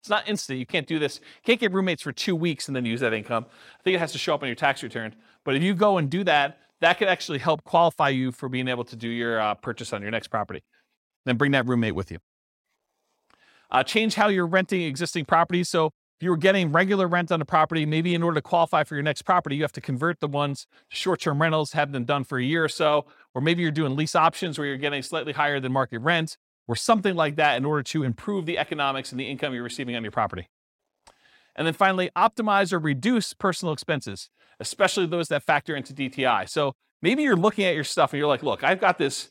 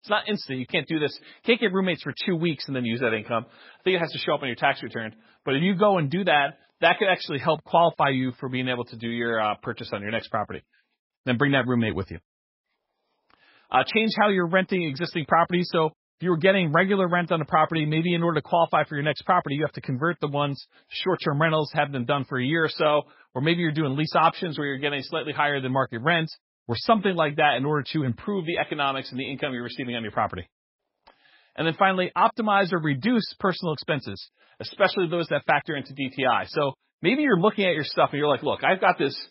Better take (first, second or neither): first